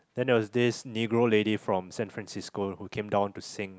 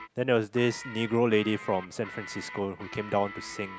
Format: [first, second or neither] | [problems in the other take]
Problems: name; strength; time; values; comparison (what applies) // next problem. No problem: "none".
first | background sound (Guitar); 15 dB below the speech